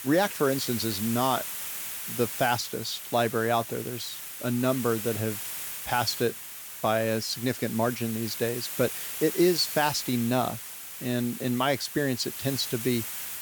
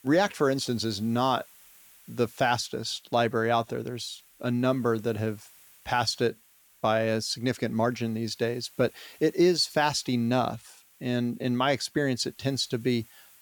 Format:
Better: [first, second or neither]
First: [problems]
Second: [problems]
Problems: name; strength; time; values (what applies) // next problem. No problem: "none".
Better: second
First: hiss; loud; throughout; 6 dB below the speech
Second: hiss; faint; throughout; 25 dB below the speech